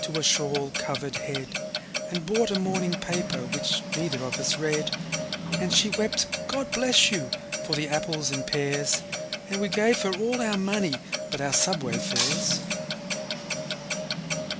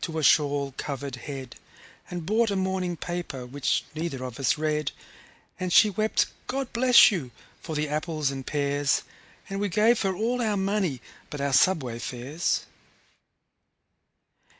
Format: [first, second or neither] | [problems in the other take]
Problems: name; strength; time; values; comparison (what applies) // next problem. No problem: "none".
second | background sound (Shatter + Clock); 3 dB below the speech